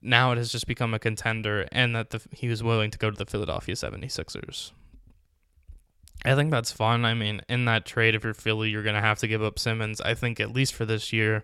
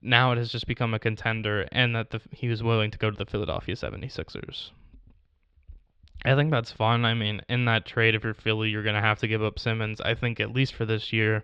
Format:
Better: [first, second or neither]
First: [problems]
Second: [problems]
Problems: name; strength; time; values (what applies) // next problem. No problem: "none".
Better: first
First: none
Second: muffled; slightly; fading above 4 kHz